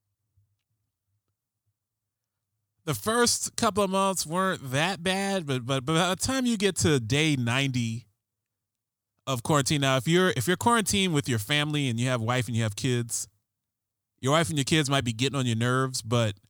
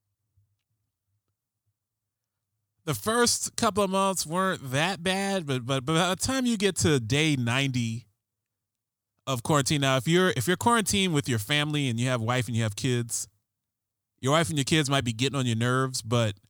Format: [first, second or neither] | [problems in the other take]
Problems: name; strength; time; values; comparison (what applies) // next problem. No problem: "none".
neither | none